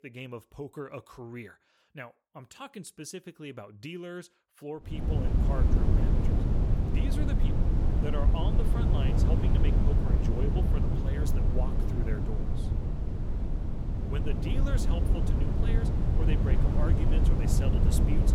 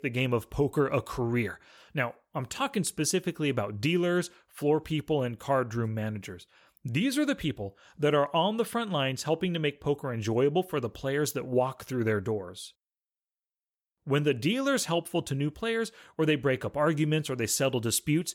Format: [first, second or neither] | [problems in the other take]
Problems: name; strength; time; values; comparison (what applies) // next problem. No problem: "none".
second | wind noise on the microphone; heavy; from 5 s on; 3 dB above the speech